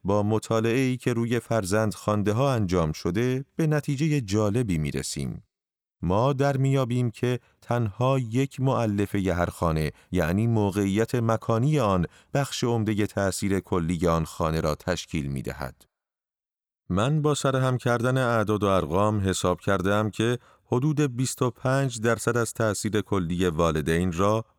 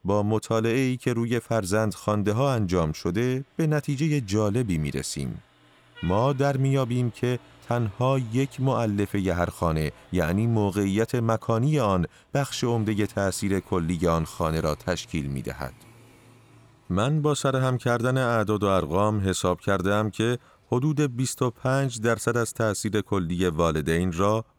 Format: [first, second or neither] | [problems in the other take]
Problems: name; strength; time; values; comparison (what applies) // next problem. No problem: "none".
first | traffic noise; faint; throughout; 30 dB below the speech